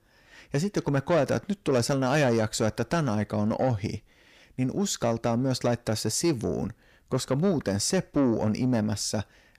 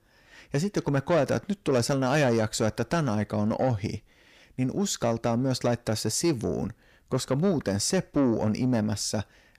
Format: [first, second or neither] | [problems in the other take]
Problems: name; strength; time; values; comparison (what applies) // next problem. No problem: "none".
neither | distortion; slight; 10 dB below the speech; the same in both